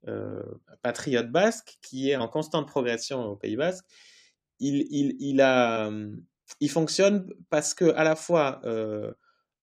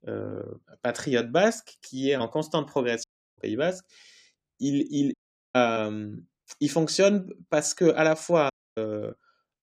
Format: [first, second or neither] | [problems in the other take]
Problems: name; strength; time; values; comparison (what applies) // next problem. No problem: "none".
first | audio cutting out; at 3 s, at 5 s and at 8.5 s